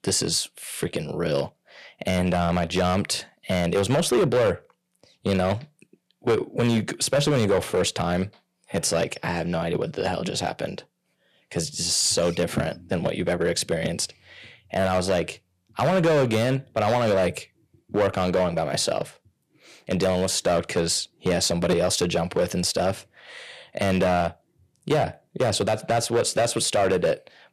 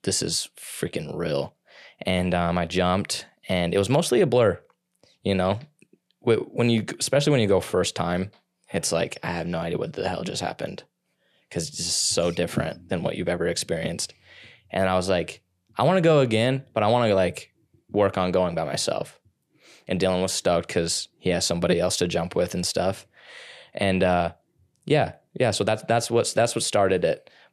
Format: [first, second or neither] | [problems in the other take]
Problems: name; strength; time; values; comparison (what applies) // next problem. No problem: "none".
second | distortion; slight; 6% of the sound clipped